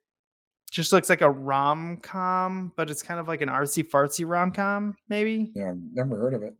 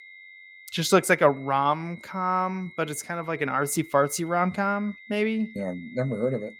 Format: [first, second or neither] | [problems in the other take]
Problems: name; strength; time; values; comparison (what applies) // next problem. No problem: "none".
first | high-pitched whine; faint; throughout; 2 kHz, 20 dB below the speech